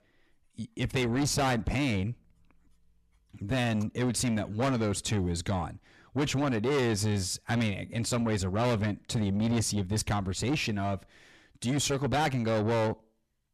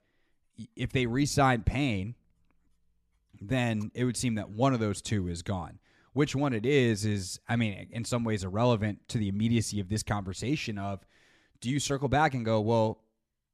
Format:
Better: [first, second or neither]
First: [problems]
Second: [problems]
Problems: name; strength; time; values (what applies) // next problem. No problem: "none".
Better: second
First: distortion; heavy; 7 dB below the speech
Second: none